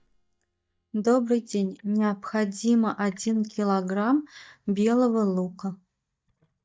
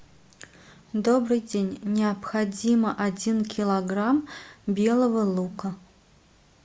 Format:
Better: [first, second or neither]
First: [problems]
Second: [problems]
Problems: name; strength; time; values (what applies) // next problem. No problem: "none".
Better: second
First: noise reduction (neural mask model DeepFilterNet 3)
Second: none